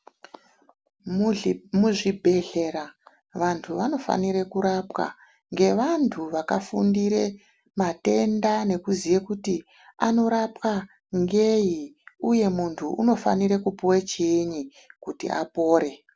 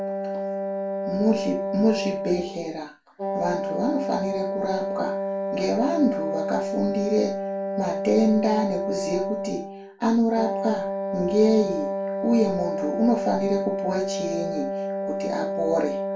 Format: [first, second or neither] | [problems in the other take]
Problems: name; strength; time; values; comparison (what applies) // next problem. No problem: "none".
first | background sound (Wind instrument, woodwind instrument); 2 dB below the speech // room echo; dies away in 0.3 s